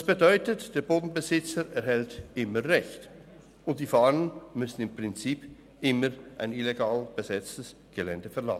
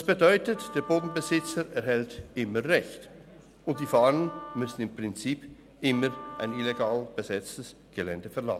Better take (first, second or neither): first